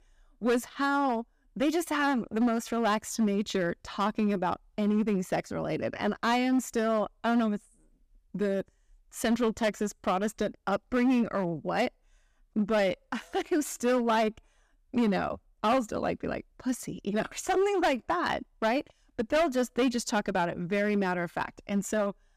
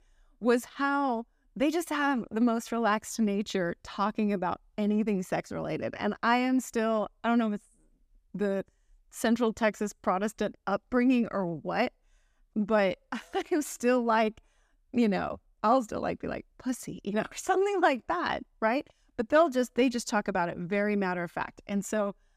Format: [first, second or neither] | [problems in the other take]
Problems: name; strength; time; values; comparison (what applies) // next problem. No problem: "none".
second | distortion; slight; 7% of the sound clipped